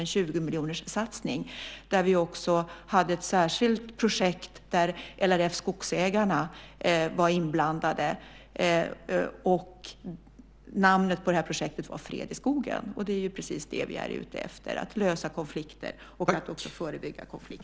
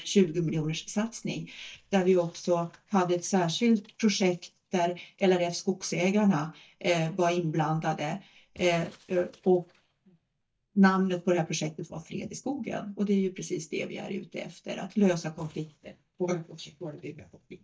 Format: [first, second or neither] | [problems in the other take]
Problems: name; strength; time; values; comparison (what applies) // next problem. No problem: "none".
first | noise reduction (neural mask model DeepFilterNet 3)